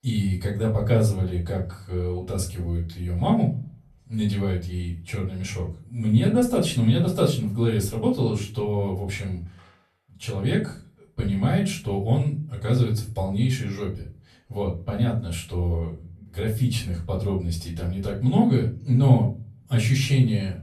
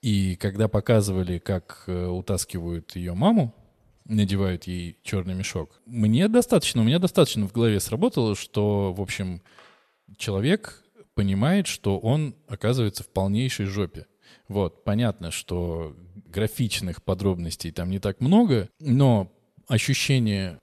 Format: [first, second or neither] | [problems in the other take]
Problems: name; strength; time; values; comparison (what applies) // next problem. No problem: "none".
second | off-mic speech; far // room echo; slight; dies away in 0.3 s